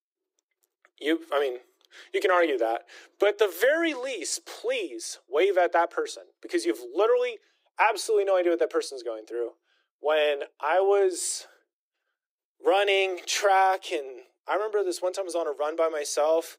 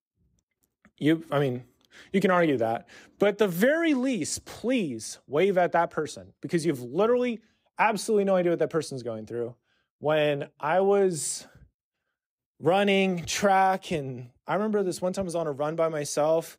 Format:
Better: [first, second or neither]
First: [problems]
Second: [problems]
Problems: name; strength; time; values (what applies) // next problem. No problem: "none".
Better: second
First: thin; very; fading below 350 Hz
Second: none